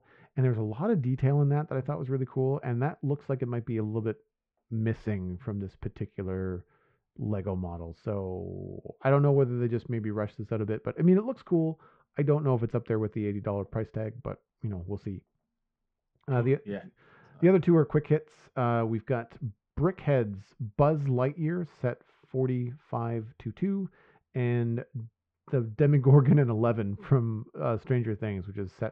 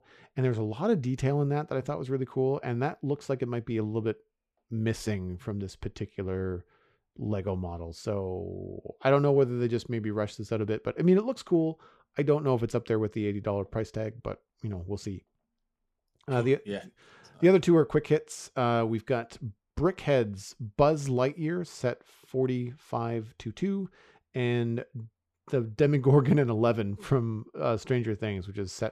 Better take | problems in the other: second | muffled; very; fading above 2 kHz

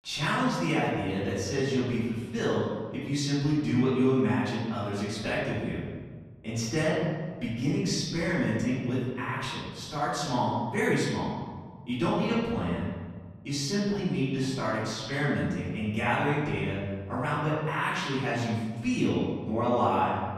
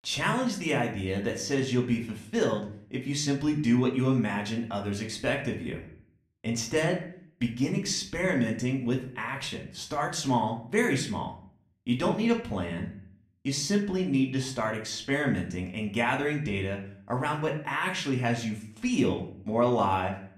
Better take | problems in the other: second | room echo; strong; dies away in 1.5 s; slight in the second // off-mic speech; far; somewhat distant in the second

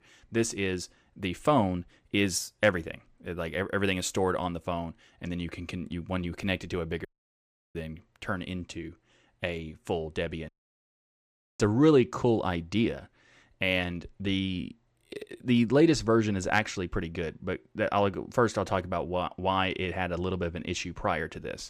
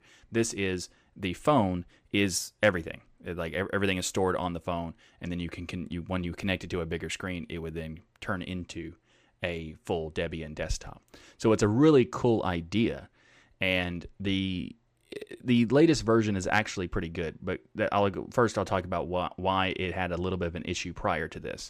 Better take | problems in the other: second | audio cutting out; at 7 s for 0.5 s and at 10 s for 1 s

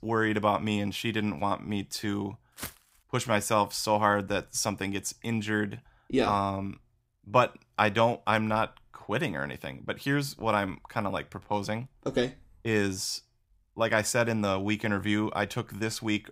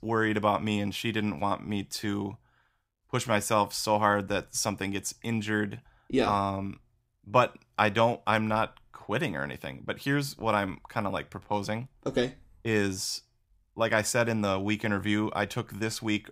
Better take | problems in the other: second | footsteps; faint; at 2.5 s; peak 10 dB below the speech

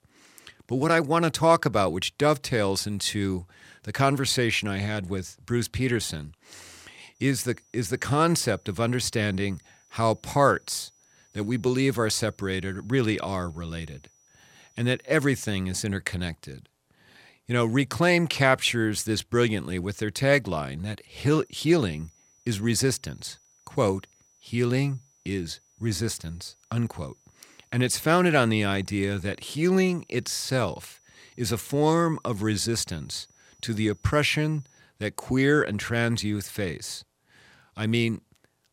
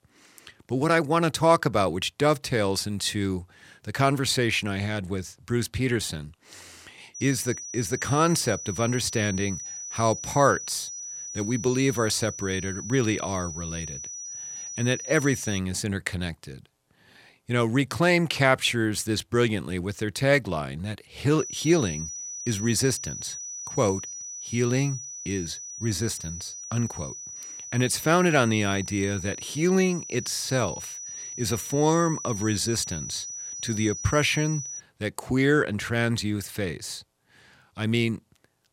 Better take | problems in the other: first | high-pitched whine; loud; from 7 to 16 s and from 21 to 35 s; 6 kHz, 9 dB below the speech; faint in the first

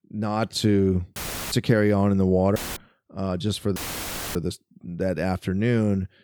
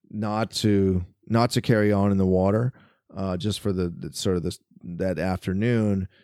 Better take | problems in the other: second | audio cutting out; filled with static; at 1 s, at 2.5 s and at 4 s for 0.5 s

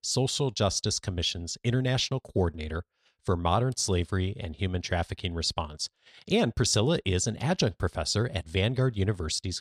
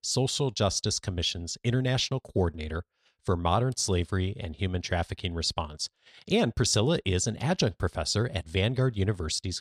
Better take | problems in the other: neither | none

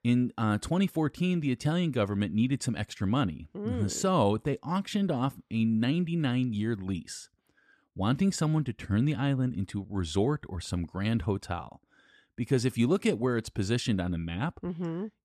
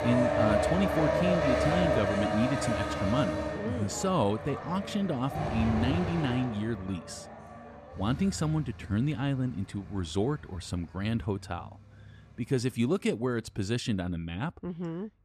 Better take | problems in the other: first | traffic noise; very loud; throughout; as loud as the speech

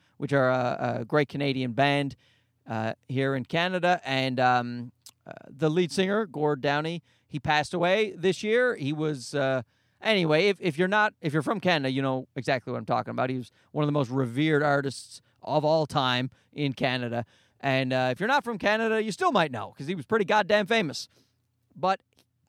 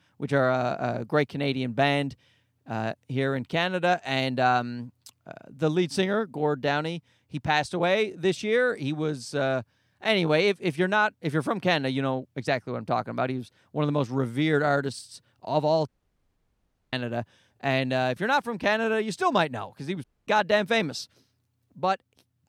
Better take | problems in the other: first | audio cutting out; at 16 s for 1 s and at 20 s

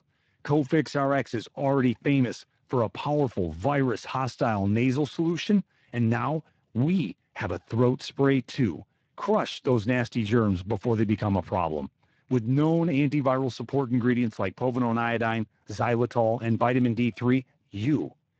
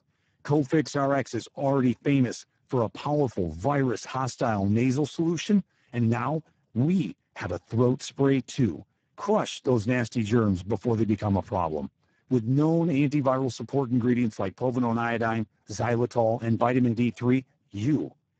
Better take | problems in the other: first | garbled, watery; badly; nothing above 7.5 kHz; slightly in the first

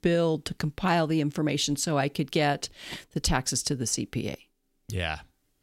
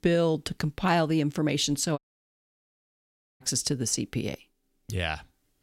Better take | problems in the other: first | audio cutting out; at 2 s for 1.5 s

